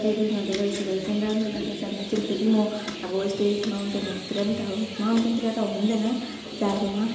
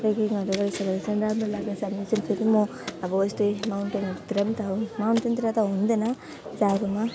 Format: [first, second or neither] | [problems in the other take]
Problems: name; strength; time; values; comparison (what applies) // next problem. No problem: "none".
second | background sound (Chirp, tweet); 15 dB below the speech // room echo; dies away in 1 s